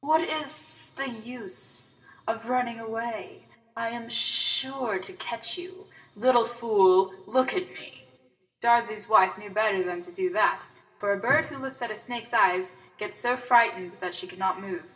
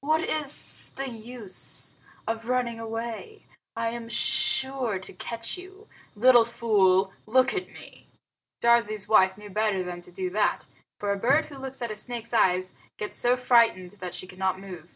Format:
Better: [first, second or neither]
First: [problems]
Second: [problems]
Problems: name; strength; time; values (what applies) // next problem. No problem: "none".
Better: second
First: room echo; dies away in 1.7 s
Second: none